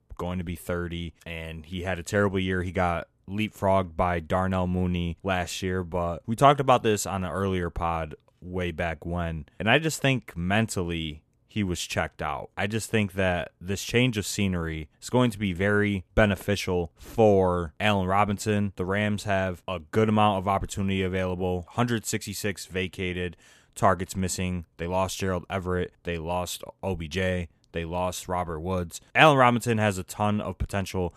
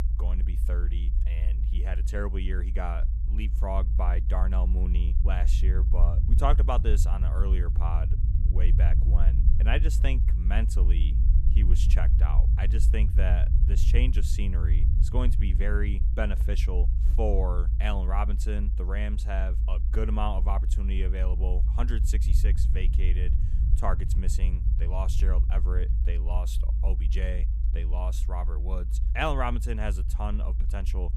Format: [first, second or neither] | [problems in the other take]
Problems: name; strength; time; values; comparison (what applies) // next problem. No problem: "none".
first | low rumble; loud; throughout; 9 dB below the speech